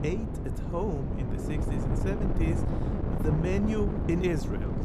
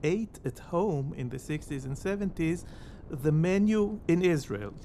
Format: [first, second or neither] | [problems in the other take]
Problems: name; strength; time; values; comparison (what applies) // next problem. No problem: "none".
second | wind noise on the microphone; heavy; 2 dB below the speech; occasional gusts in the second